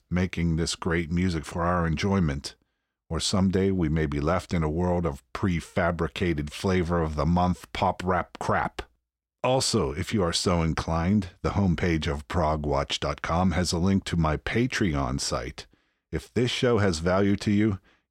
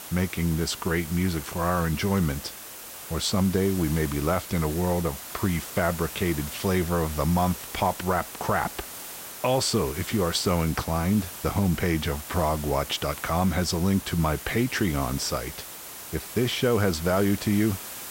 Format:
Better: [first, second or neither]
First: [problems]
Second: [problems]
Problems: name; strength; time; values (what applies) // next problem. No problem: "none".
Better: first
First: none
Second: hiss; noticeable; throughout; 10 dB below the speech